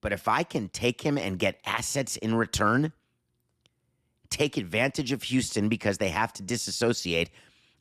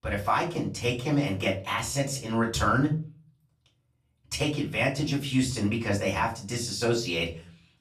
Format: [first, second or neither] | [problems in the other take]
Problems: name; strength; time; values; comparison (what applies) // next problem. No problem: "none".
first | off-mic speech; far // room echo; slight; dies away in 0.3 s